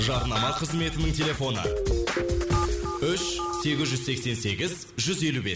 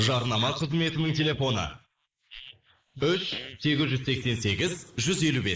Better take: first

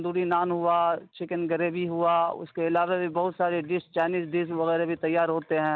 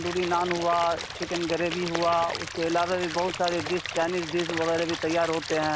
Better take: first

